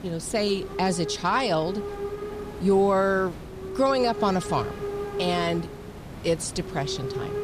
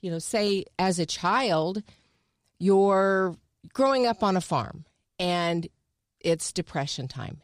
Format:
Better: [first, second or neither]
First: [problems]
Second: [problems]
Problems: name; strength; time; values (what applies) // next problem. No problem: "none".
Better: second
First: hiss; loud; throughout; 9 dB below the speech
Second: none